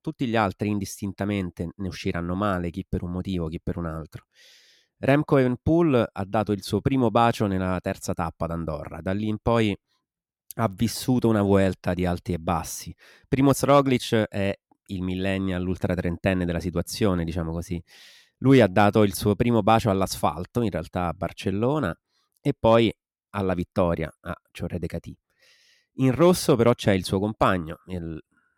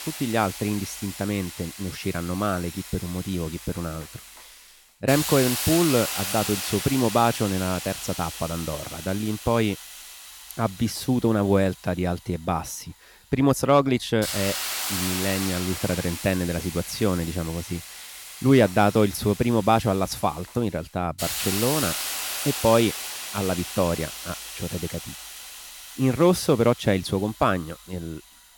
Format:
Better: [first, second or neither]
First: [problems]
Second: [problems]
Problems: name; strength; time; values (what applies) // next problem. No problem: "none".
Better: first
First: none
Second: hiss; loud; throughout; 7 dB below the speech